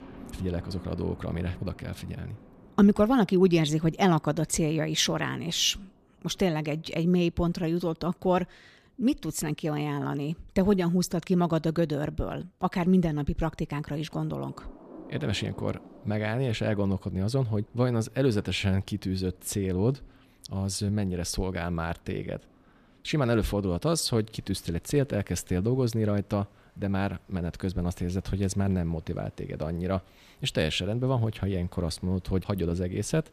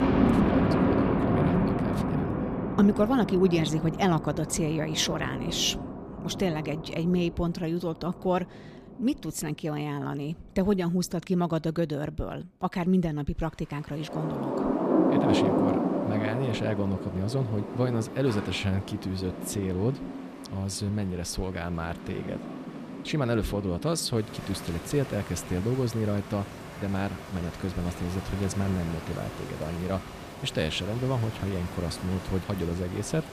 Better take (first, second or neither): first